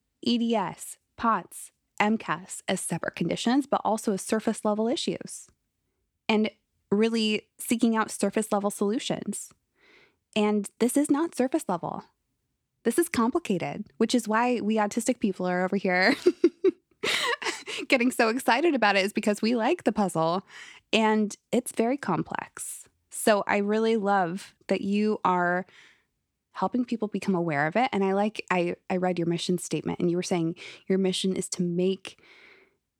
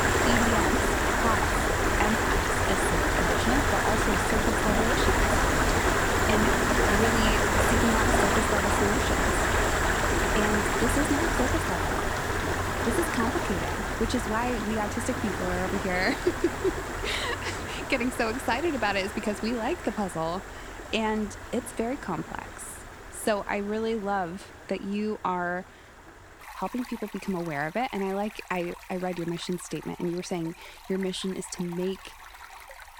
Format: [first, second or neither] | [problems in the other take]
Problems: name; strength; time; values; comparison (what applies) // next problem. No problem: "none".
first | rain or running water; very loud; throughout; 5 dB above the speech